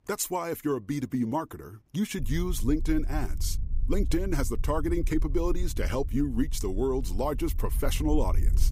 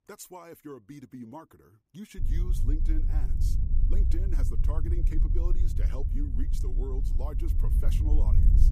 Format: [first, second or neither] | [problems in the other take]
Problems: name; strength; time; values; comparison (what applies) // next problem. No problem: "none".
first | low rumble; loud; from 2 s on; 3 dB below the speech; faint in the first